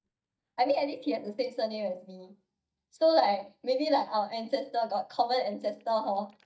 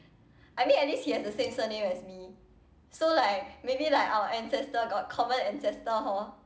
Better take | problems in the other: second | noise reduction (neural mask model DeepFilterNet 3)

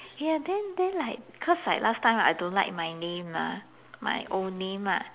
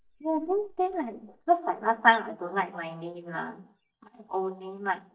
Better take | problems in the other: first | noise reduction (neural mask model DeepFilterNet 3)

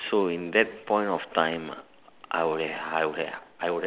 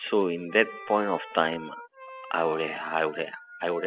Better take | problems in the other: first | noise reduction (classical method spectral subtraction)

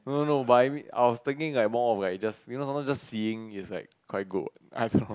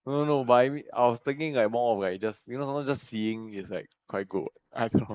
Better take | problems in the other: first | noise reduction (neural mask model Resemble Enhance denoiser)

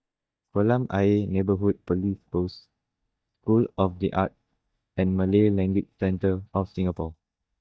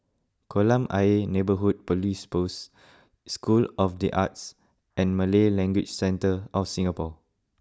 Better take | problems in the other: second | noise reduction (neural mask model DeepFilterNet 3)

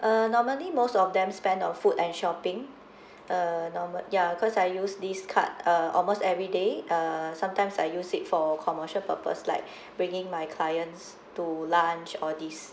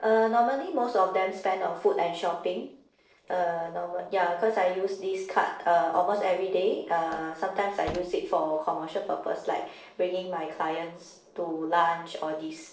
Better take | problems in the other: first | noise reduction (neural separator model SepFormer DNS4)

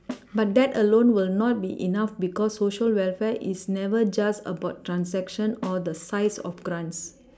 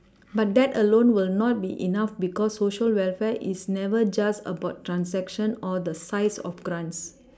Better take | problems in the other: second | background sound (Snare drum); 19 dB below the speech

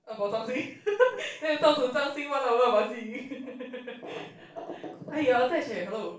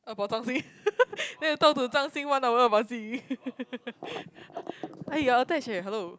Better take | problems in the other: second | room echo; dies away in 0.4 s

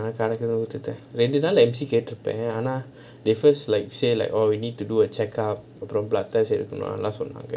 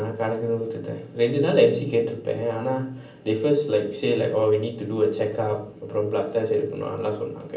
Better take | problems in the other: first | room echo; dies away in 0.6 s

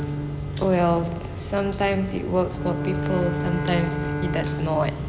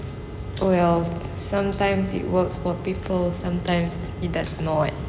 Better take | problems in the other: second | background sound (Bowed string instrument); 5 dB below the speech

